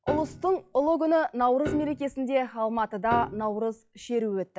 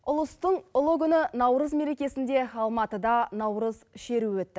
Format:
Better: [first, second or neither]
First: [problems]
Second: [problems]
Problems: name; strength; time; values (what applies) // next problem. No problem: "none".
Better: second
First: noise reduction (classical method log-MMSE)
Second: none